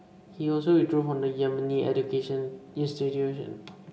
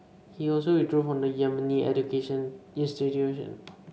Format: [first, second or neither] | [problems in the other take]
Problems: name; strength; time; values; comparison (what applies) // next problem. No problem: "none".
second | room echo; dies away in 2.3 s